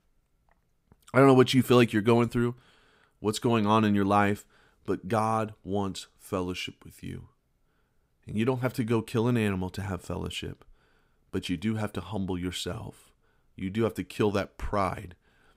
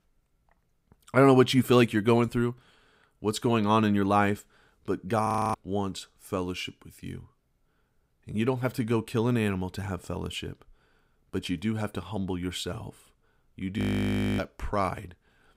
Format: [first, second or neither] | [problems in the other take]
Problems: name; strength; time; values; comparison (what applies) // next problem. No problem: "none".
first | audio freezing; at 5.5 s and at 14 s for 0.5 s